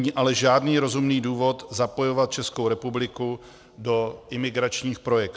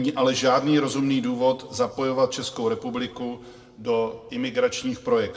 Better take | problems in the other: first | room echo; dies away in 0.9 s

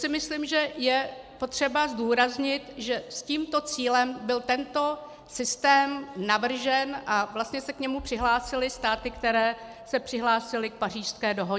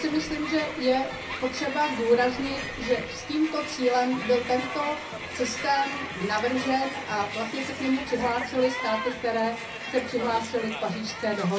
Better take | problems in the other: first | background sound (Crowd); 8 dB below the speech // room echo; dies away in 0.3 s

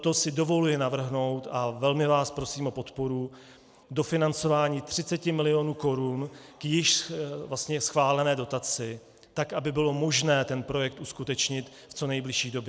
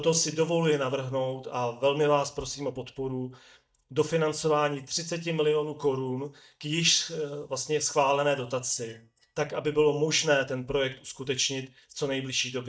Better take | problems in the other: first | noise reduction (neural mask model DeepFilterNet 3)

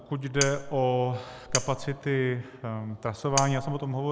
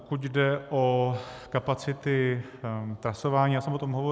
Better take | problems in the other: second | background sound (Cutlery, silverware); 4 dB below the speech

